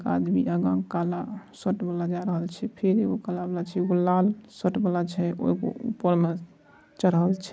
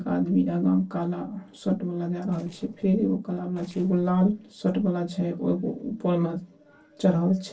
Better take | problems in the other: first | noise reduction (neural separator model SepFormer DNS4)

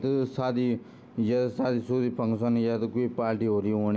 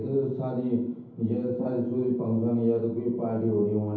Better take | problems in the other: first | room echo; dies away in 0.9 s

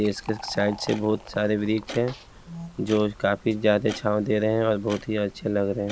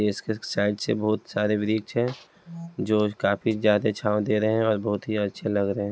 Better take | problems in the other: second | background sound (Fill (with liquid) + Clock); 17 dB below the speech

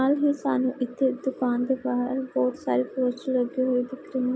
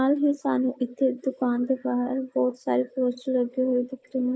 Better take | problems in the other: first | noise reduction (neural mask model Resemble Enhance denoiser)

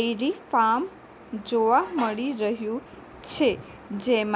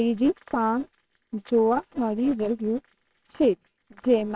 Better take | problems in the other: first | noise reduction (neural separator model SepFormer WHAMR!)

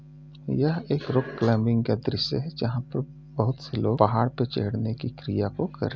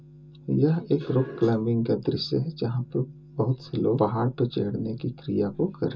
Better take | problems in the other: first | room echo; dies away in 0.2 s

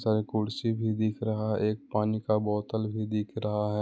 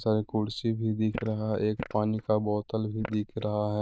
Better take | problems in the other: first | noise reduction (neural diffusion model UNIVERSE++)

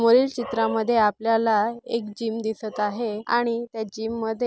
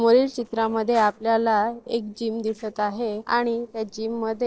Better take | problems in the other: first | noise reduction (neural separator model SepFormer DNS4)

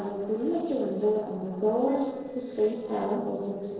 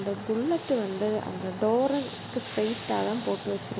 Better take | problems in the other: second | noise reduction (neural separator model SepFormer DNS4)

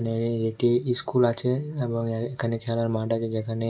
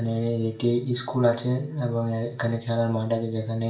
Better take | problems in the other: first | room echo; dies away in 0.4 s

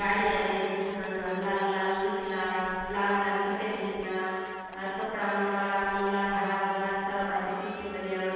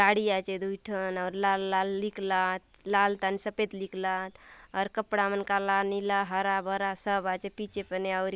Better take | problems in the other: second | background sound (Fowl); 17 dB below the speech // room echo; dies away in 2.1 s

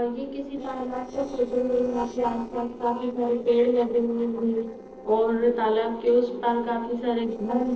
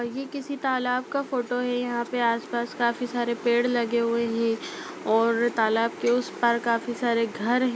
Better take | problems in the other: second | noise reduction (neural separator model SepFormer DNS4)

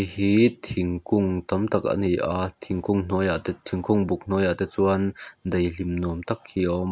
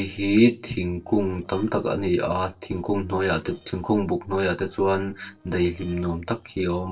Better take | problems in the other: first | noise reduction (neural separator model SepFormer DNS4)

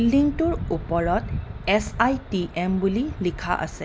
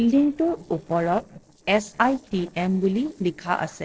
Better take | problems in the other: first | noise reduction (neural separator model SepFormer DNS4)

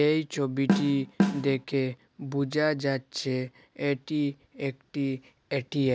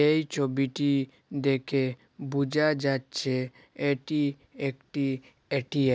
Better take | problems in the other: second | background sound (Snare drum); 2 dB above the speech

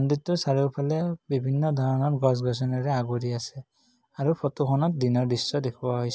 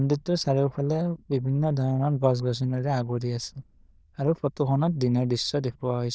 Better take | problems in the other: first | noise reduction (neural diffusion model UNIVERSE++)

